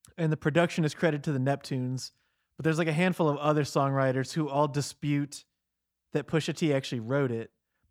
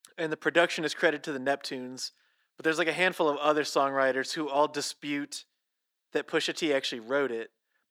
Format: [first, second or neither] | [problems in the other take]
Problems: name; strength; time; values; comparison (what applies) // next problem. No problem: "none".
first | thin; somewhat; fading below 300 Hz